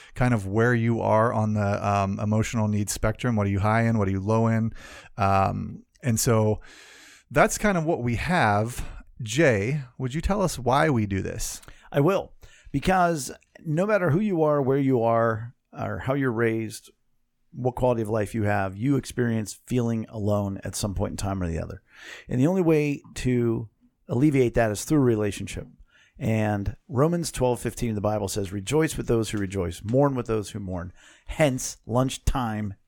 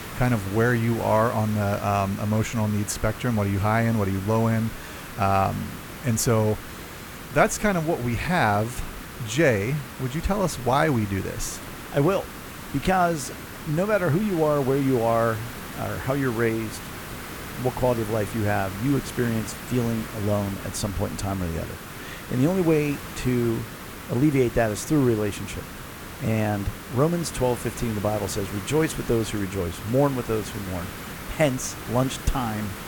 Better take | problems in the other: first | hiss; noticeable; throughout; 10 dB below the speech

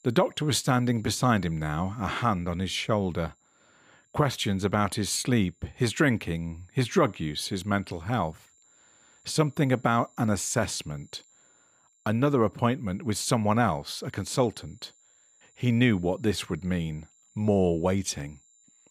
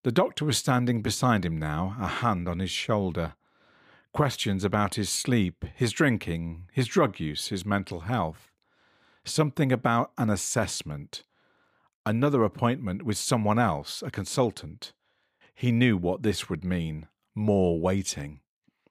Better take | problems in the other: second | high-pitched whine; faint; throughout; 7 kHz, 35 dB below the speech

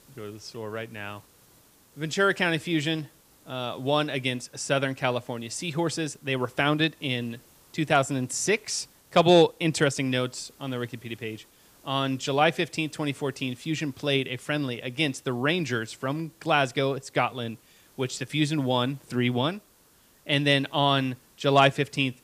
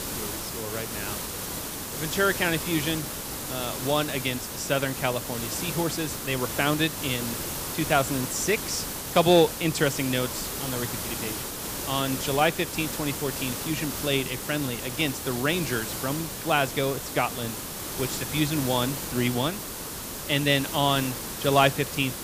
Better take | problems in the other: first | hiss; loud; throughout; 5 dB below the speech; faint in the first

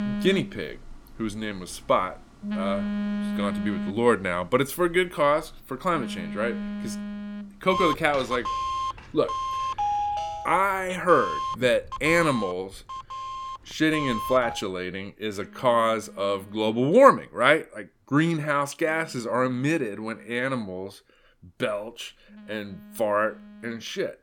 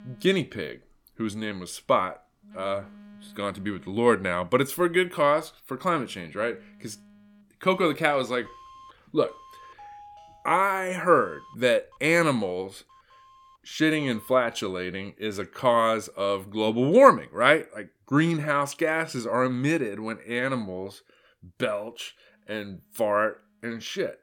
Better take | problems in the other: second | alarms or sirens; loud; throughout; 6 dB below the speech; faint in the second

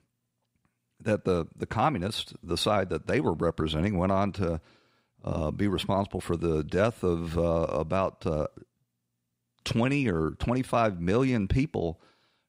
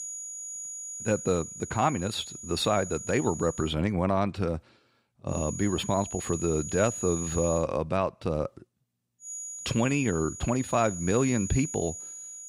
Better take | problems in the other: first | high-pitched whine; loud; until 3.5 s, from 5.5 to 7.5 s and from 9.5 s on; 7 kHz, 8 dB below the speech

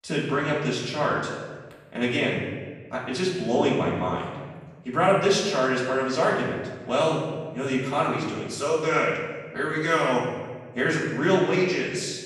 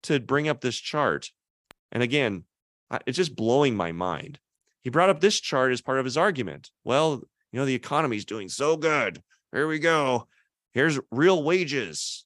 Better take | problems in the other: second | off-mic speech; far // room echo; noticeable; dies away in 1.2 s

